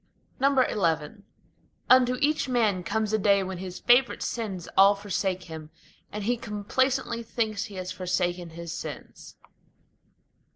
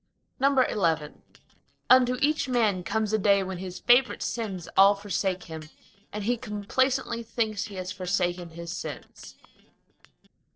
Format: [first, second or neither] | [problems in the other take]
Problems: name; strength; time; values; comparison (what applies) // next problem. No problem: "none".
first | noise reduction (neural separator model SepFormer DNS4)